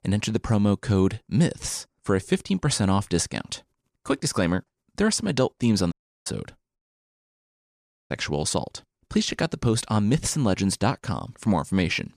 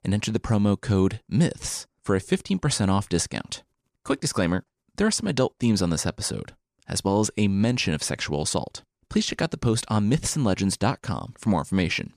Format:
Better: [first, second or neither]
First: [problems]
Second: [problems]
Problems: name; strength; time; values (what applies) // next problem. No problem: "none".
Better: second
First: audio cutting out; at 6 s and at 7 s for 1.5 s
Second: none